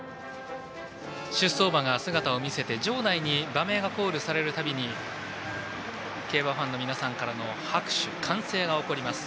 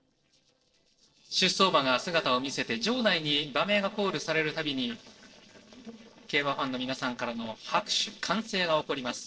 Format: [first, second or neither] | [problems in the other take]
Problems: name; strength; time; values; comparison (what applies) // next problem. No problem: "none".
first | noise reduction (neural separator model SepFormer DNS4)